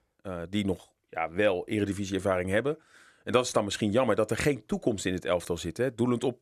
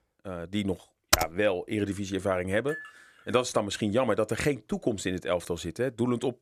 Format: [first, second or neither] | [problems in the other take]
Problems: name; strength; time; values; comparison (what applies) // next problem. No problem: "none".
first | keyboard typing; loud; at 1 s; peak 4 dB above the speech // clattering dishes; faint; at 2.5 s; peak 10 dB below the speech